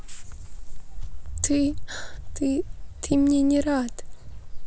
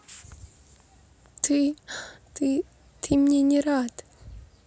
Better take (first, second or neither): second